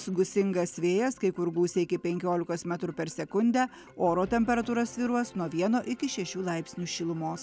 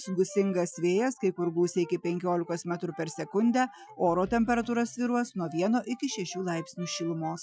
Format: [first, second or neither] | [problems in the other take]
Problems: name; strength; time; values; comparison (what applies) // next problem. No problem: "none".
first | noise reduction (classical method Wiener filter)